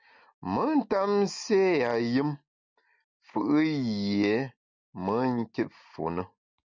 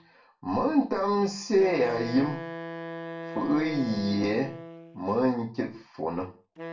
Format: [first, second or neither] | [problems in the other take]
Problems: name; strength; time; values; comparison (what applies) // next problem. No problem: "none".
first | background sound (Wind instrument, woodwind instrument); 13 dB below the speech // room echo; dies away in 0.3 s